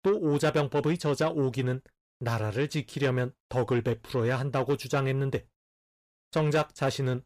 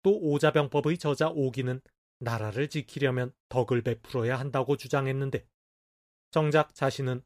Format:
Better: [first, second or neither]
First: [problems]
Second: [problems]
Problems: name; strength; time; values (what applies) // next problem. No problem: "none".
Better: second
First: distortion; slight; 10 dB below the speech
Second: none